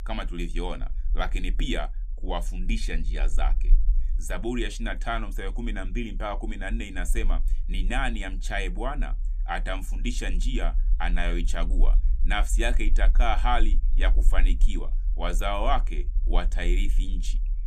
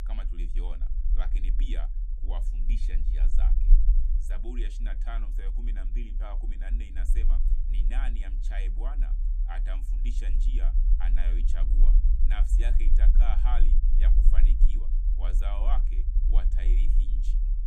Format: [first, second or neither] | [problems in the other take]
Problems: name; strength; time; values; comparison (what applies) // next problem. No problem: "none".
first | low rumble; loud; throughout; 7 dB below the speech; faint in the first